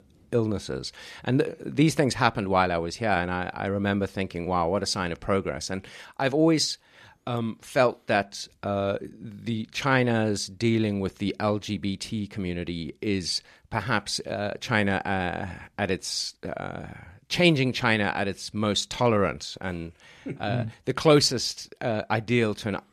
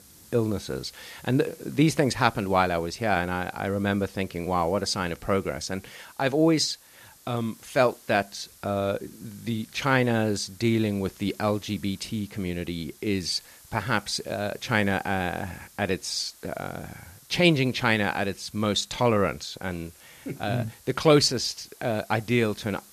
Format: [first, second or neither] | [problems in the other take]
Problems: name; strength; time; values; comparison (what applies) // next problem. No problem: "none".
first | hiss; faint; throughout; 25 dB below the speech